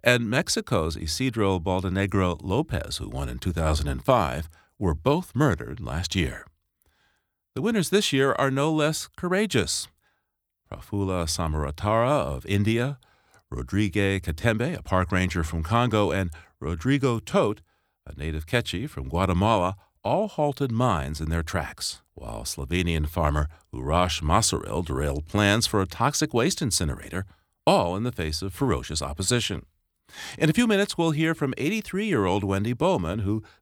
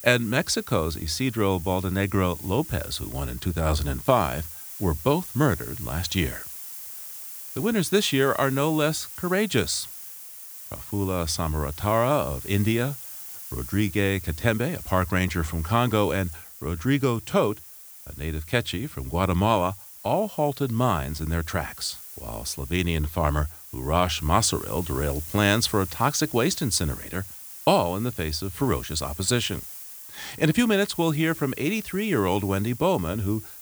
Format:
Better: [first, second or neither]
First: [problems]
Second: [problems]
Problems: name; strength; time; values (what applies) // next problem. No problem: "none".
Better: first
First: none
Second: hiss; noticeable; throughout; 10 dB below the speech